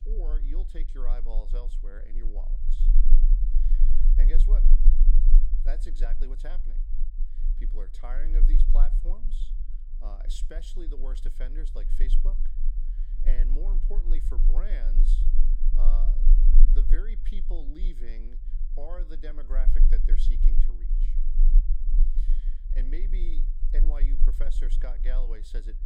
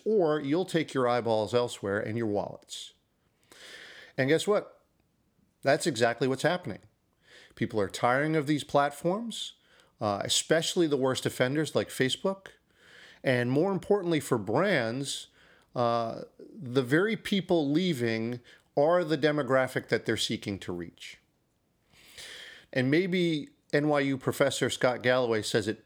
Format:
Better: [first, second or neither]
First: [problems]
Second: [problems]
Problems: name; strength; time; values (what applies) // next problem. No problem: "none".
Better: second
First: low rumble; loud; throughout; 7 dB below the speech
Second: none